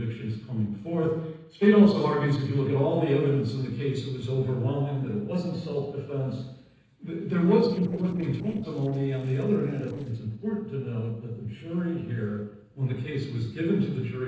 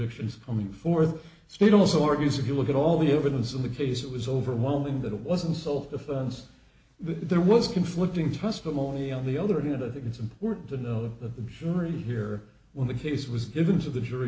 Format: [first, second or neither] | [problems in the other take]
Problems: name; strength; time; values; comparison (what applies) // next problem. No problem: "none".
second | noise reduction (neural separator model SepFormer DNS4)